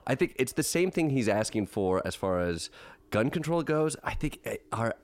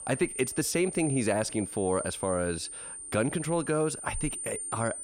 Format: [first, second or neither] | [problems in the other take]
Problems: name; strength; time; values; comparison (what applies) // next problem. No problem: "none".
first | high-pitched whine; loud; throughout; 9 kHz, 7 dB below the speech